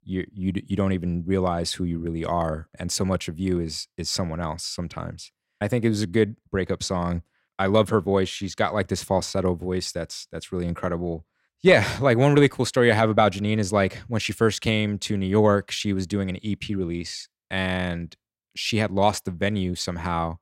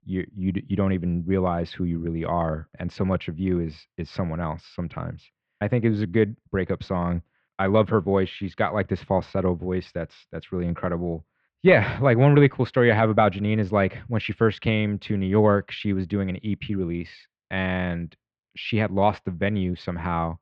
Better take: first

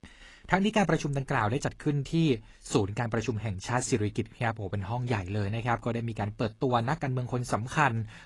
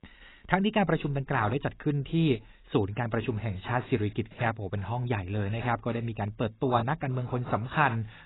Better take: first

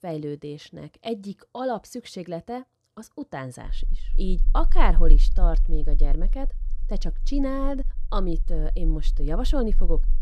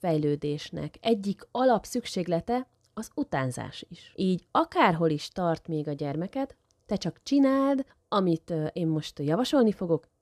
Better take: second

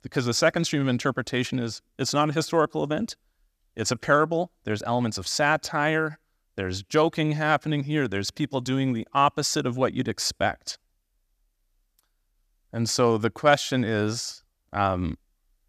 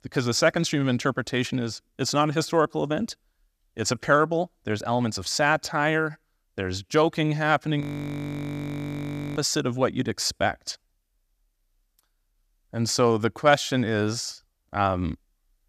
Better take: first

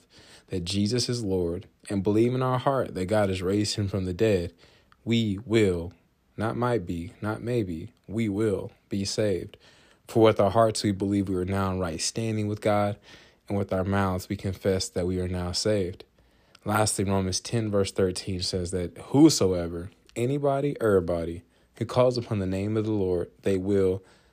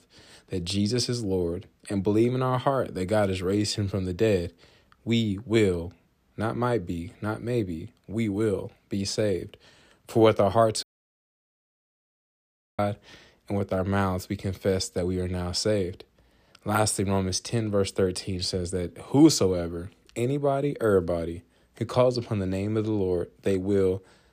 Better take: first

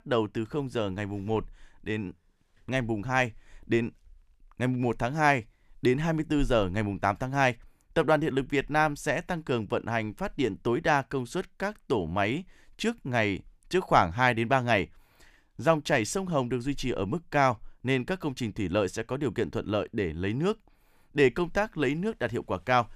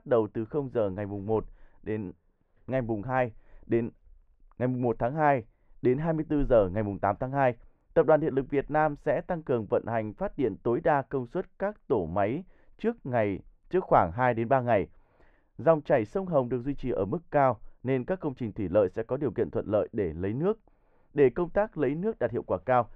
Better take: first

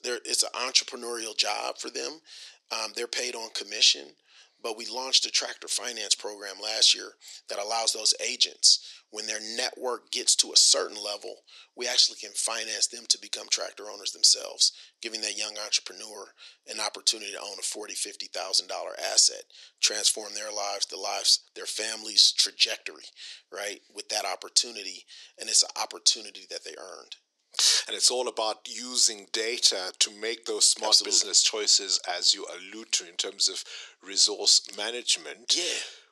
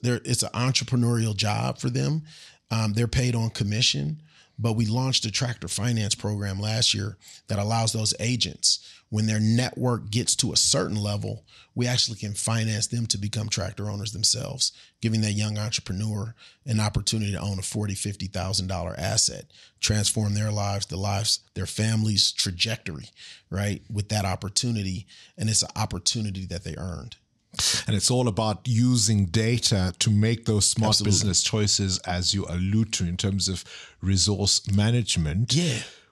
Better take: second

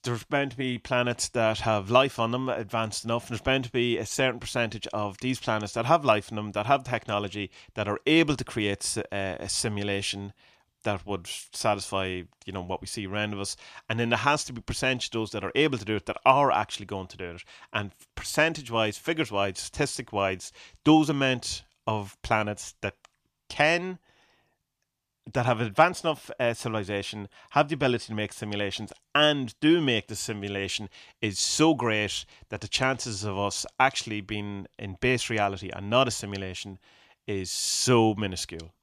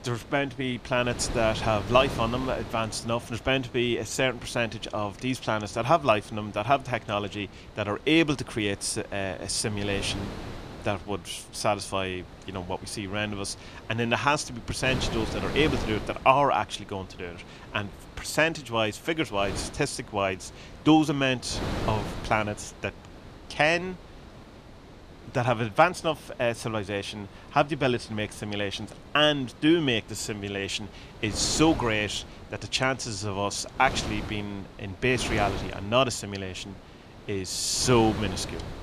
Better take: first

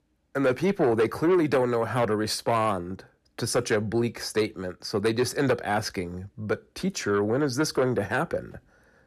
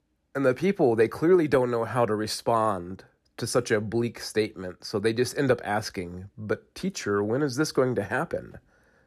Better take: second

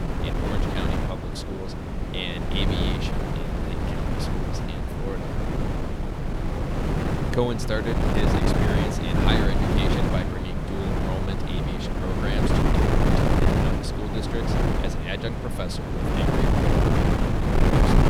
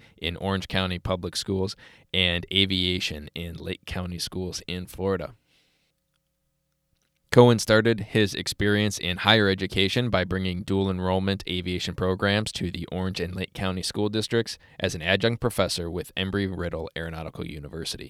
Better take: second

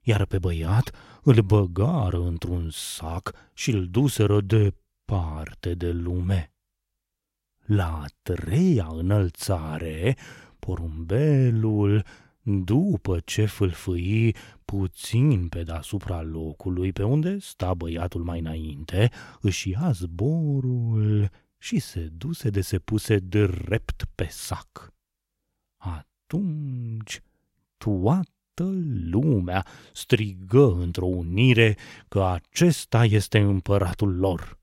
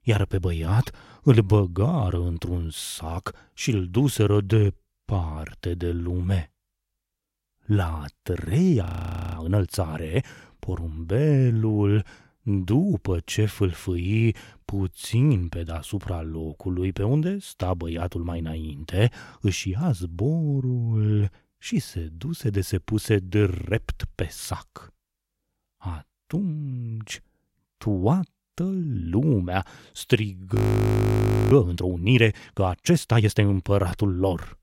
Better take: first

